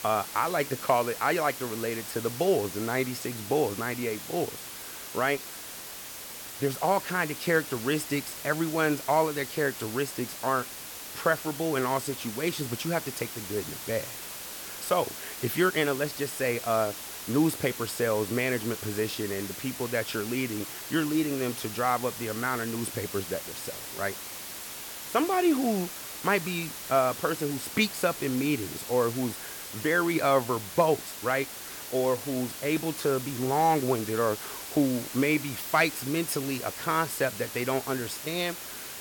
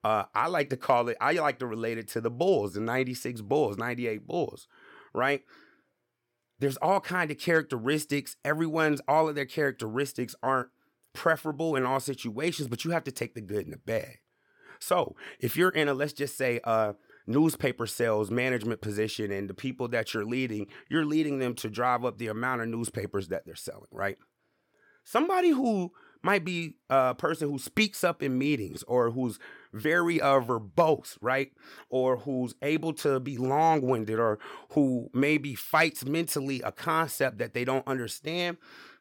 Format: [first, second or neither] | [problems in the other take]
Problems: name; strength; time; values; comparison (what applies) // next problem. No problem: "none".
second | hiss; loud; throughout; 8 dB below the speech